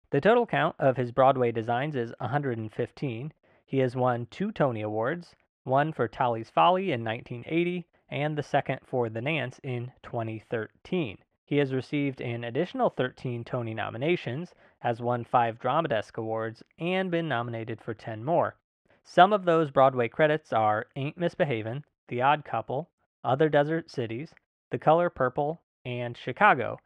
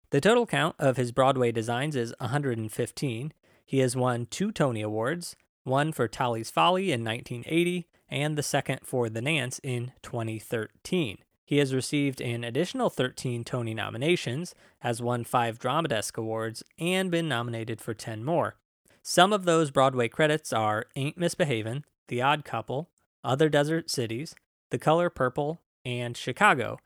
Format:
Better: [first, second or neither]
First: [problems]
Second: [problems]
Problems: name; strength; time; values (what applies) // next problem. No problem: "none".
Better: second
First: muffled; very; fading above 2.5 kHz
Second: none